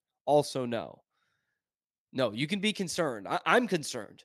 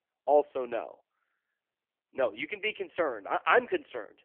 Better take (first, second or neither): first